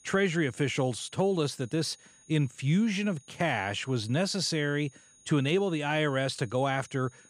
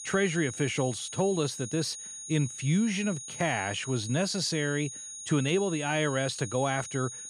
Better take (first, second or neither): first